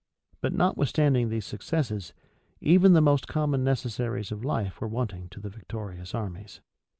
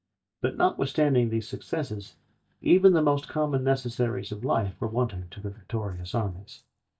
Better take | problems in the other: first | noise reduction (neural mask model DeepFilterNet 3)

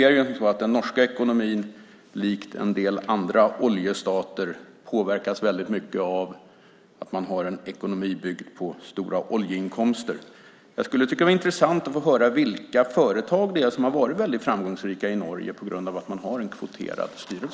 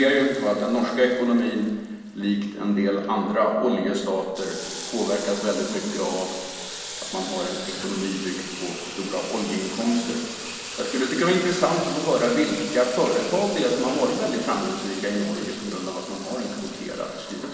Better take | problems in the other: first | background sound (Sink (filling or washing) / Water tap, faucet); 12 dB below the speech // room echo; dies away in 1.3 s

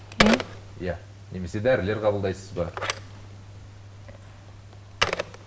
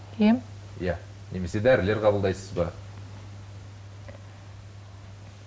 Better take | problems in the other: second | background sound (Telephone); 2 dB below the speech

